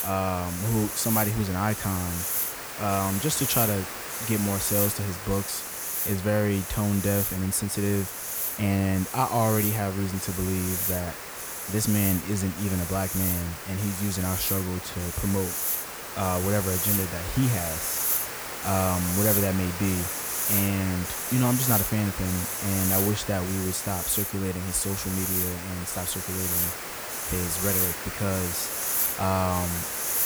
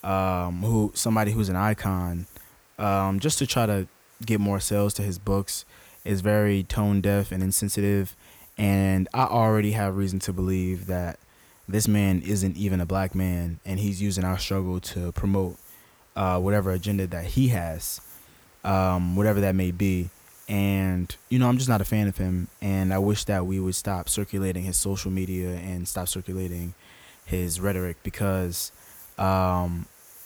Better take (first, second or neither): second